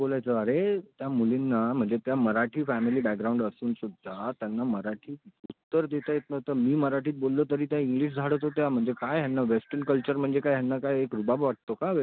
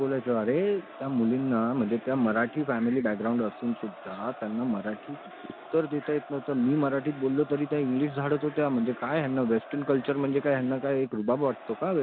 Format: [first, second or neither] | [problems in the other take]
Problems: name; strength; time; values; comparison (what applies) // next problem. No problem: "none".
first | background sound (Crowd); 17 dB below the speech